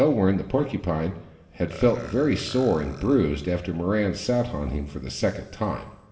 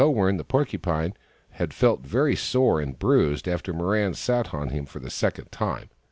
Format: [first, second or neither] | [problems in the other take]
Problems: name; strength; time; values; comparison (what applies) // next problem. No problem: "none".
second | background sound (Burping, eructation); 19 dB below the speech // room echo; dies away in 1.8 s